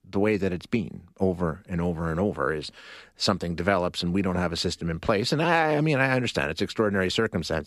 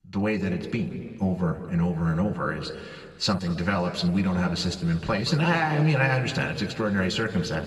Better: first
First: none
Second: room echo; slight; dies away in 2.1 s // off-mic speech; somewhat distant

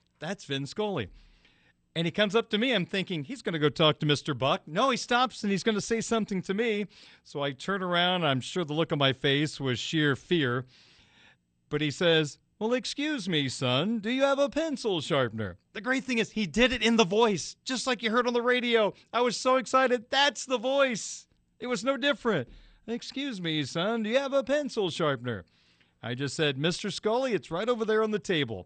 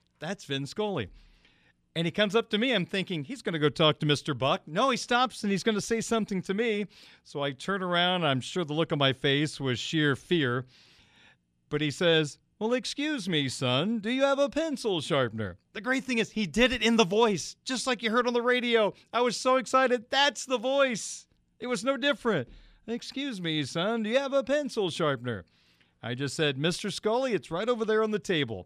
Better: second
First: garbled, watery; slightly; nothing above 8.5 kHz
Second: none

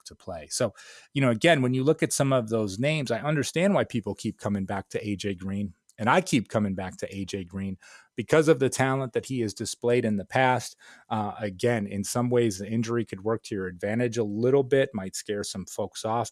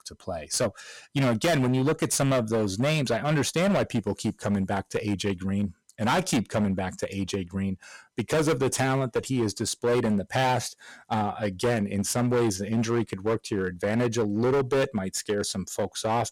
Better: first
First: none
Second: distortion; heavy; 14% of the sound clipped

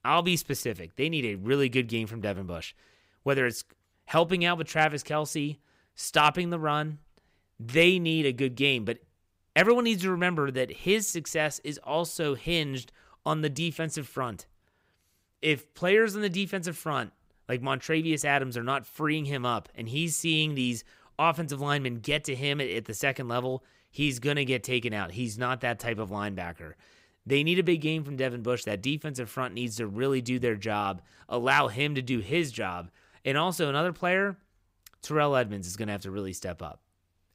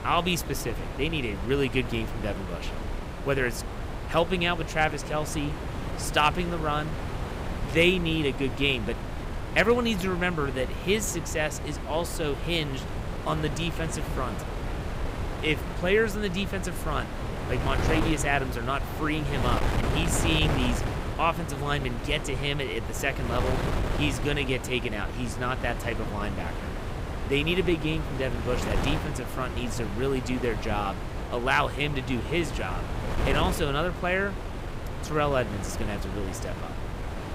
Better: first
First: none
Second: wind noise on the microphone; heavy; 8 dB below the speech

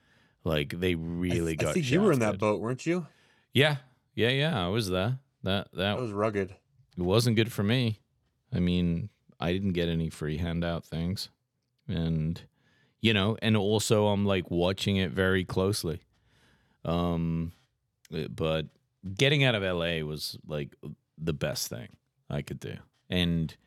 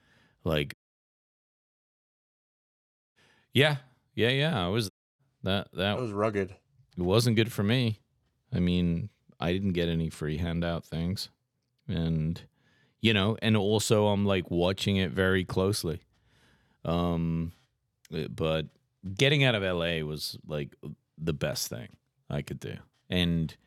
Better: first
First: none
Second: audio cutting out; at 0.5 s for 2.5 s and at 5 s

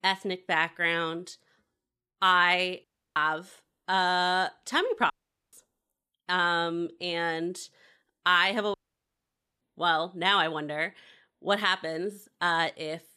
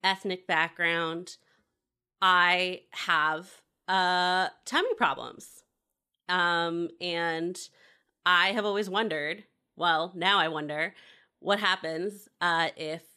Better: second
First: audio cutting out; at 3 s, at 5 s and at 8.5 s for 1 s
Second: none

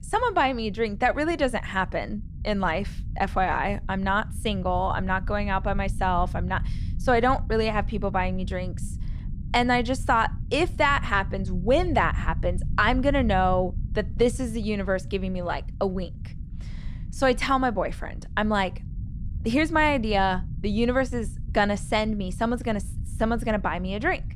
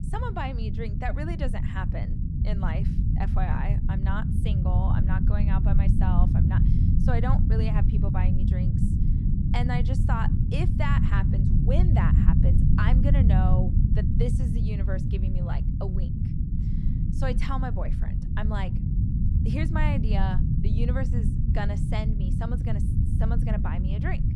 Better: first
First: low rumble; faint; throughout; 25 dB below the speech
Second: low rumble; loud; throughout; 2 dB below the speech

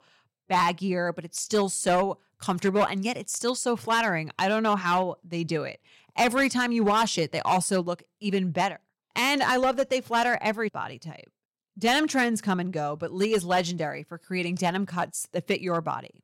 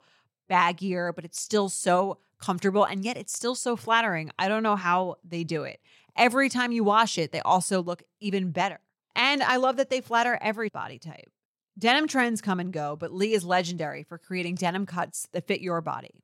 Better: second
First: distortion; slight; 4% of the sound clipped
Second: none

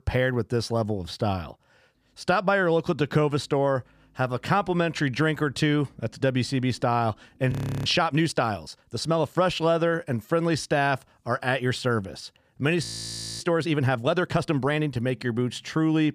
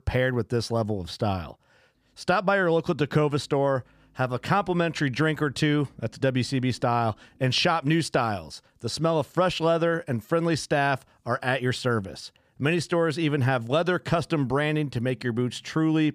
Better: second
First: audio freezing; at 7.5 s and at 13 s for 0.5 s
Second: none

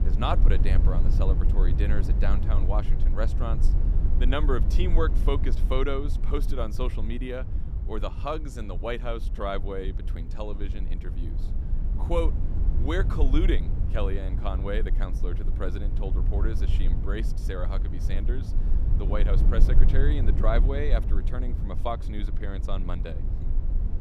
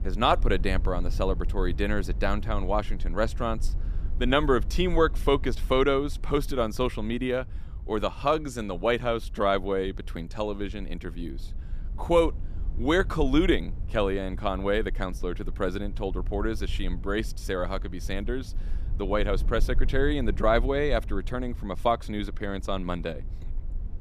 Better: second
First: low rumble; loud; throughout; 10 dB below the speech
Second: low rumble; faint; throughout; 25 dB below the speech

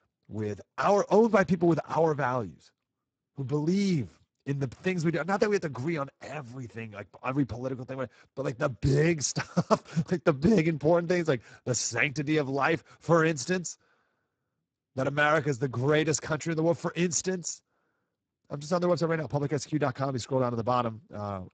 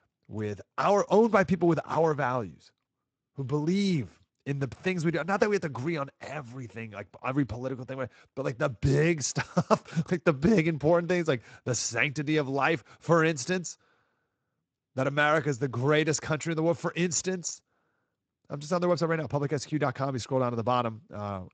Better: second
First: garbled, watery; badly; nothing above 7.5 kHz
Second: garbled, watery; slightly; nothing above 7.5 kHz

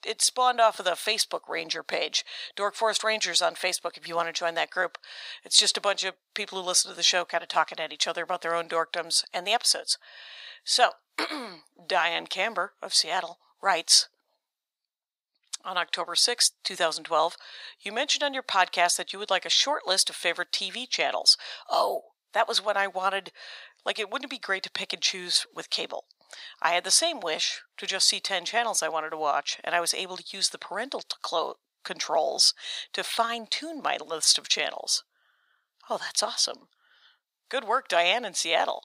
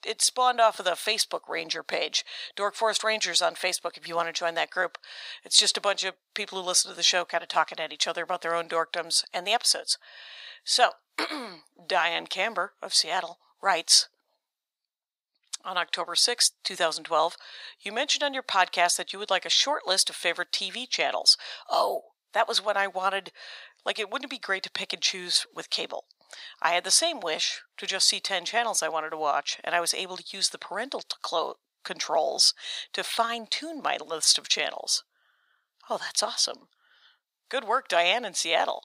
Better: neither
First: thin; very; fading below 900 Hz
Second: thin; very; fading below 900 Hz

